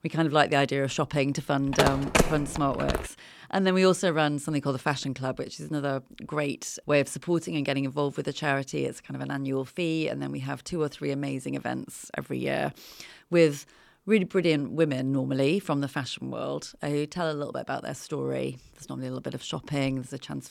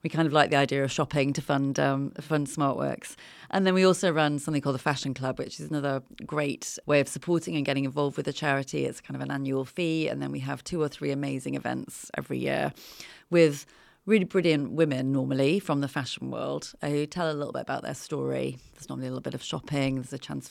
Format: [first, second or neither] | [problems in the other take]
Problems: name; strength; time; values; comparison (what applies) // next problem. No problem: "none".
second | phone ringing; loud; from 1.5 to 3 s; peak 4 dB above the speech